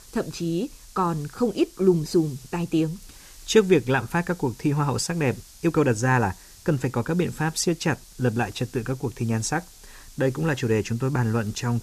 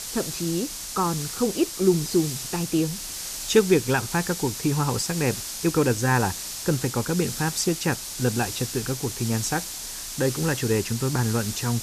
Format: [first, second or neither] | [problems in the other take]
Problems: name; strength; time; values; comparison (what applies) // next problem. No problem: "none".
first | hiss; loud; throughout; 6 dB below the speech; faint in the first